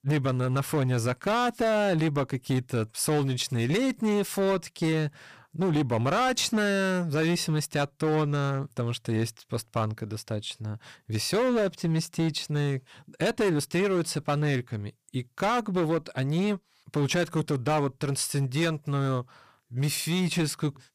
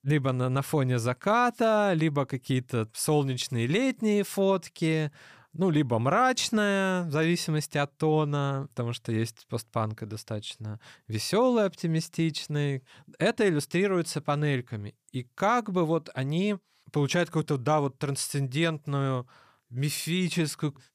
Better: second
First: distortion; slight; 11% of the sound clipped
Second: none

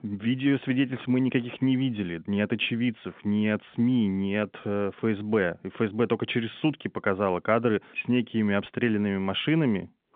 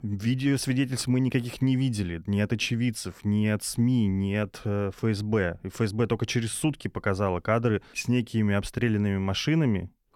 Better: second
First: phone-call audio; nothing above 3.5 kHz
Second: none

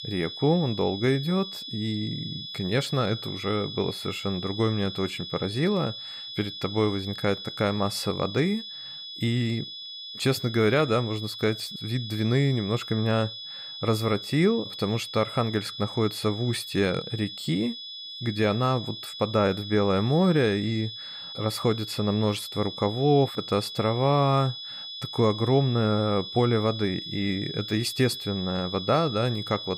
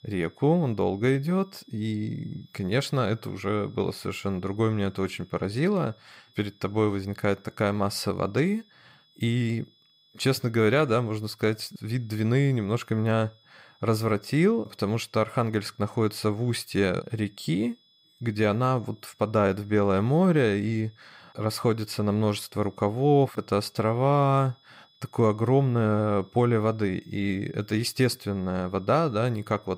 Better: second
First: high-pitched whine; loud; throughout; 3.5 kHz, 9 dB below the speech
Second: high-pitched whine; faint; throughout; 3.5 kHz, 35 dB below the speech

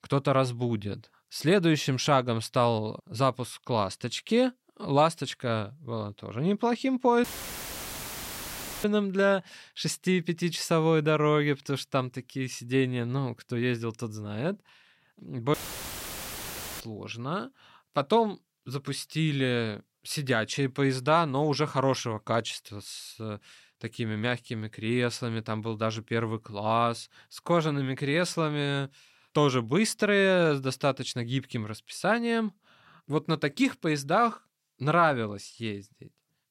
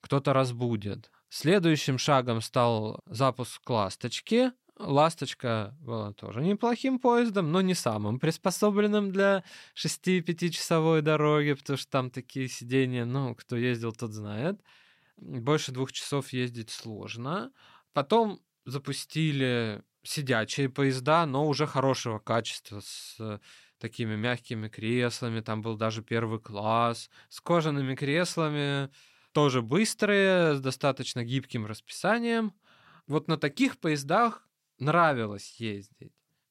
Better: second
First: audio cutting out; filled with static; at 7 s for 1.5 s and at 16 s for 1.5 s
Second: none

